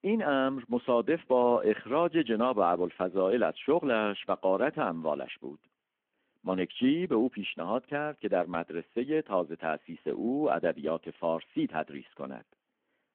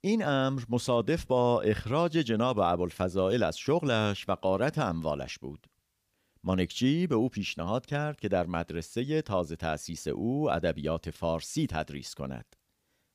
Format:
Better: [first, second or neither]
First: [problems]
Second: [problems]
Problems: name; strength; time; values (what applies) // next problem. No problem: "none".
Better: second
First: phone-call audio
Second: none